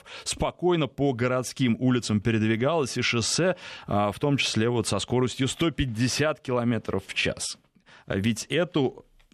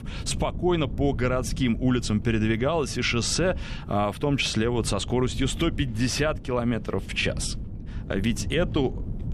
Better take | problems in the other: first | wind noise on the microphone; occasional gusts; 20 dB below the speech

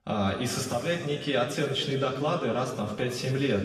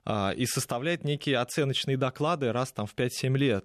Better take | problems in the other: second | room echo; noticeable; dies away in 2.2 s // off-mic speech; far

